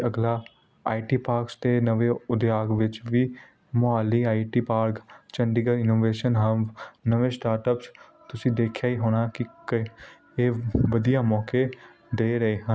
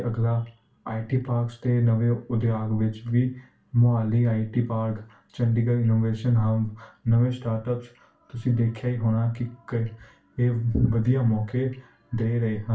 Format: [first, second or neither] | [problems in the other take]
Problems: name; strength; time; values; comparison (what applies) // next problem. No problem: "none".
first | room echo; dies away in 0.3 s